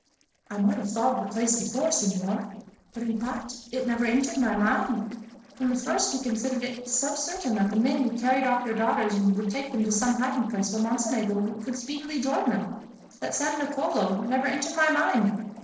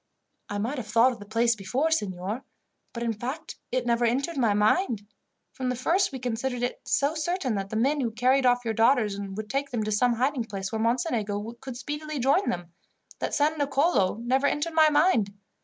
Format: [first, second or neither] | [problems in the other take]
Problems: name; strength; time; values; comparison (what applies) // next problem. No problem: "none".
second | noise reduction (neural separator model SepFormer DNS4)